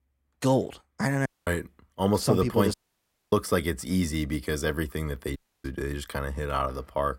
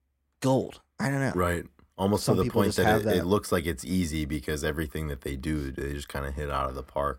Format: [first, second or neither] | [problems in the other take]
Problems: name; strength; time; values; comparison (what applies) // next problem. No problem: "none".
second | audio cutting out; at 1.5 s, at 2.5 s for 0.5 s and at 5.5 s